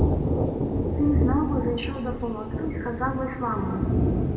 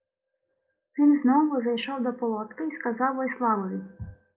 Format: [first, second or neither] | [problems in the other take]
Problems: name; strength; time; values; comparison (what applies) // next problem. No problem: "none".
second | background sound (Thunder); 4 dB above the speech // room echo; dies away in 1.6 s